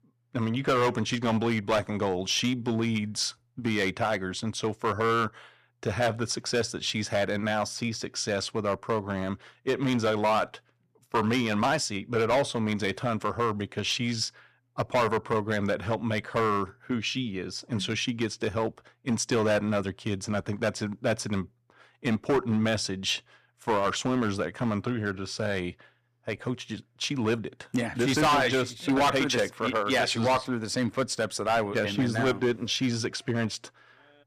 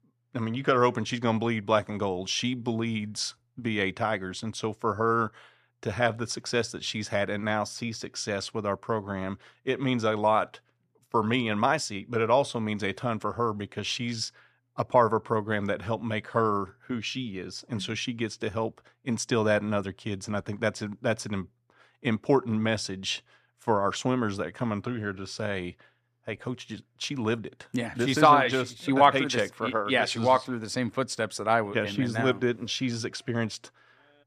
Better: second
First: distortion; heavy; 5% of the sound clipped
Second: none

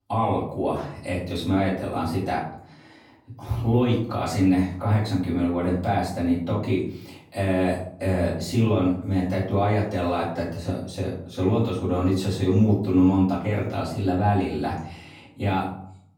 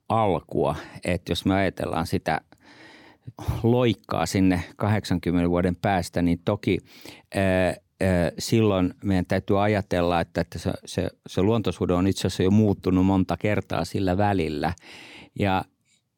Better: second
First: off-mic speech; far // room echo; noticeable; dies away in 0.5 s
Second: none

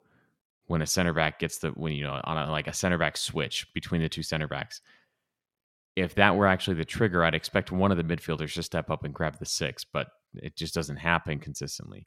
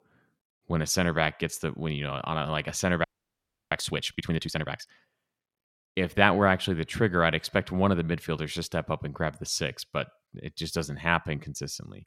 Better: first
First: none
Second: audio freezing; at 3 s for 0.5 s

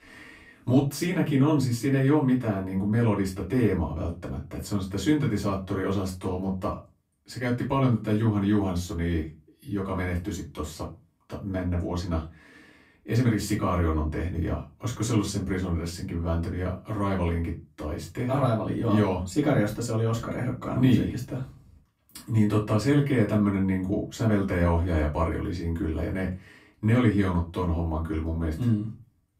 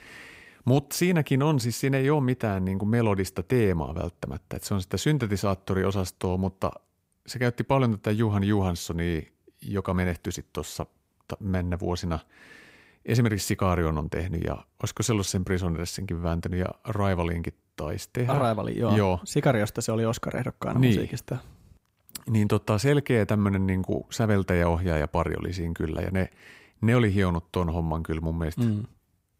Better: second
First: off-mic speech; far // room echo; slight; dies away in 0.2 s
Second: none

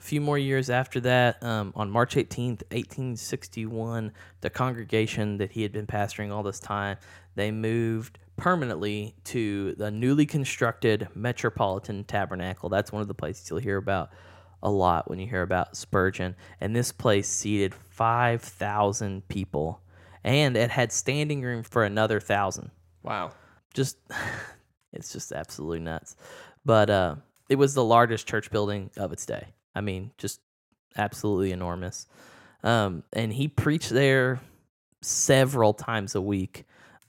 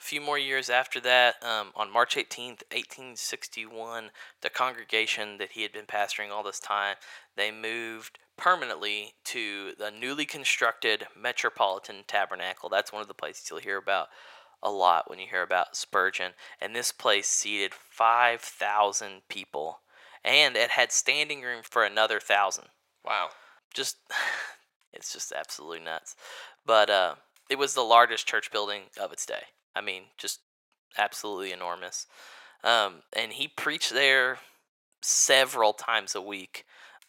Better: first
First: none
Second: thin; very; fading below 800 Hz

